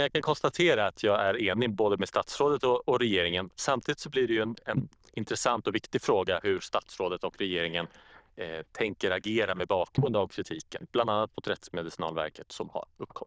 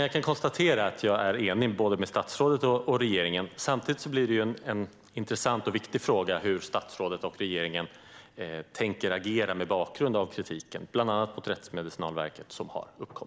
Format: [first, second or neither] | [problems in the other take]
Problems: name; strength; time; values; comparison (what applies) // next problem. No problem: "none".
second | noise reduction (neural diffusion model UNIVERSE++)